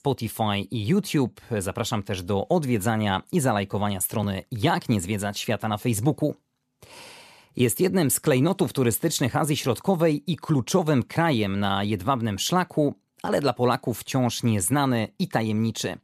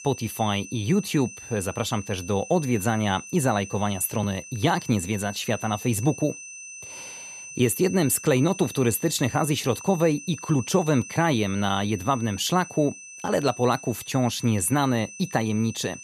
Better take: first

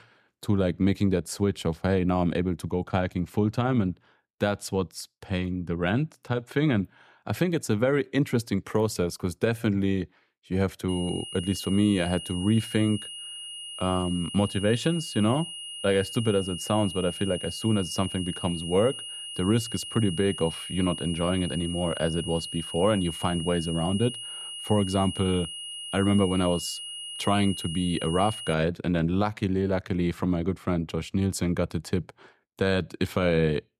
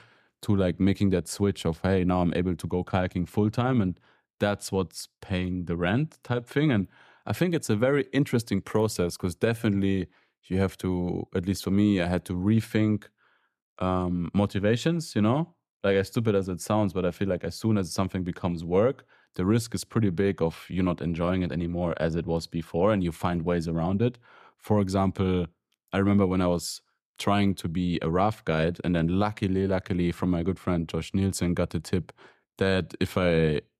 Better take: second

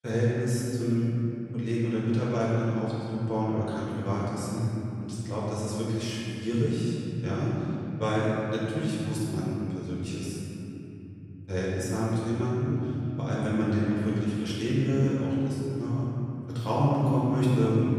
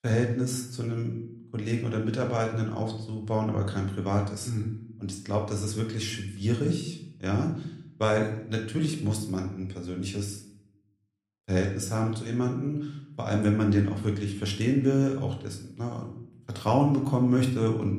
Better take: second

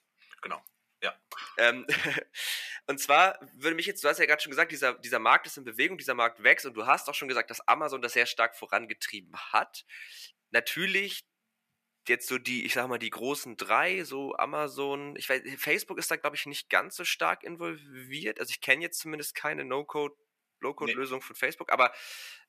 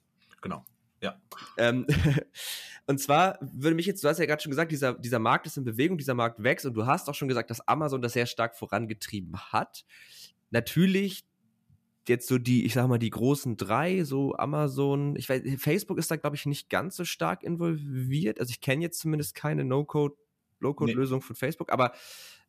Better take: second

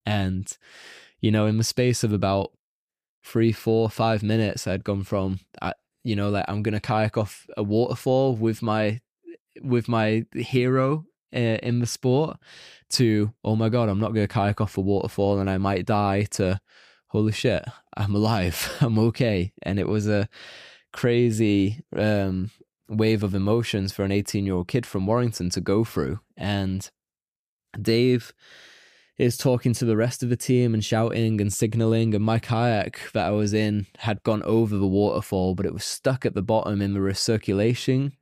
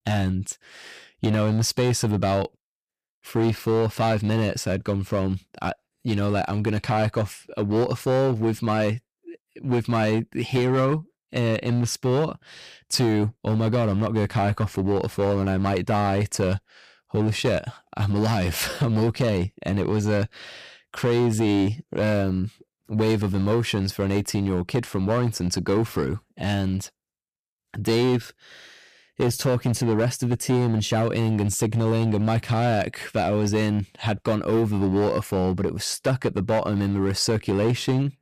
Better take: first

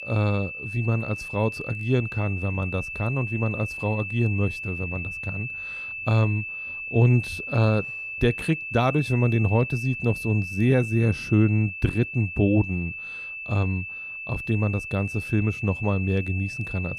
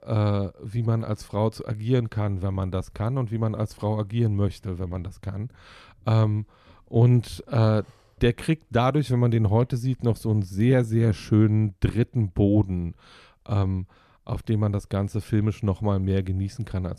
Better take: second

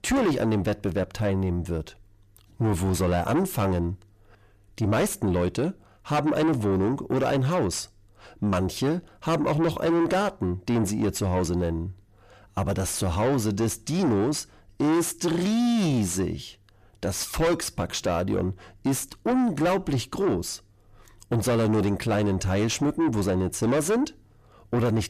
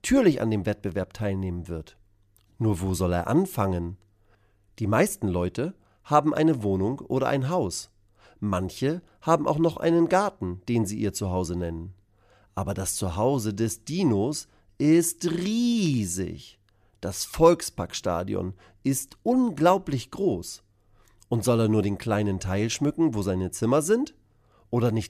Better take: second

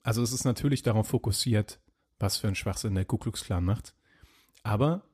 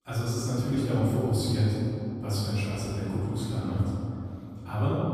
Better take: first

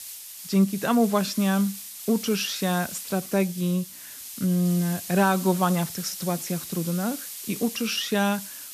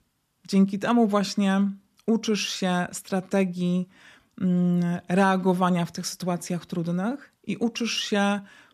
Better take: second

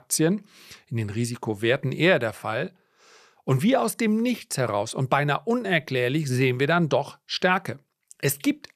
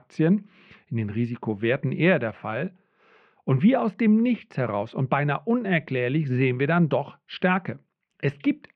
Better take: first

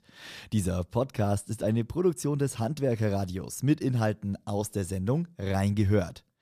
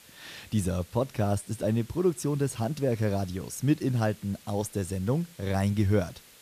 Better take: first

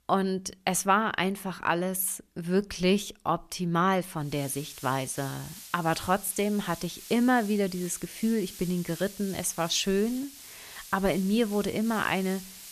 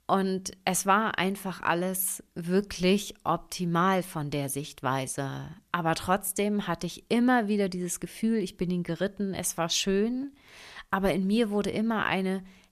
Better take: second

